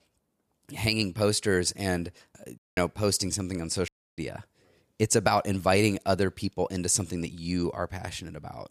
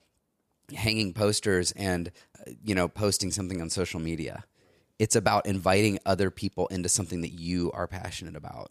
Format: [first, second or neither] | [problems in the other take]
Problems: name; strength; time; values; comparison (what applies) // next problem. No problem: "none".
second | audio cutting out; at 2.5 s and at 4 s